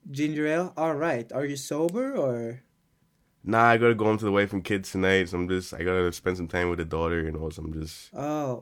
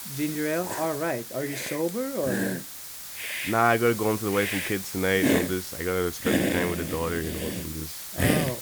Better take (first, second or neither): first